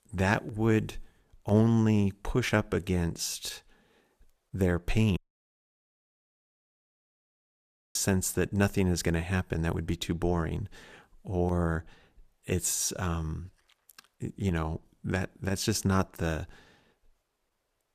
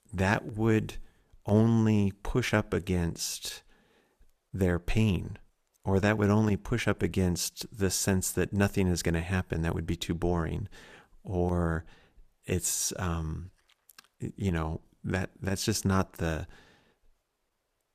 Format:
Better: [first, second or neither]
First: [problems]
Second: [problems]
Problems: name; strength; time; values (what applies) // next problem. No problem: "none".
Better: second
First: audio cutting out; at 5 s for 3 s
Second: none